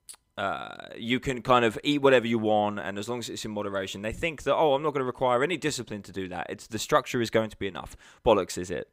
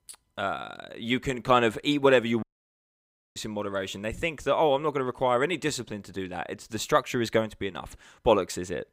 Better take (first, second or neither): first